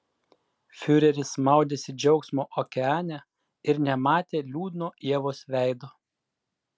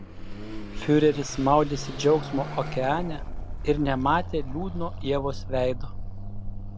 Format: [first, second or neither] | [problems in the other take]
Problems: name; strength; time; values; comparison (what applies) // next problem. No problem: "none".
first | background sound (Car passing by / Accelerating, revving, vroom); 6 dB below the speech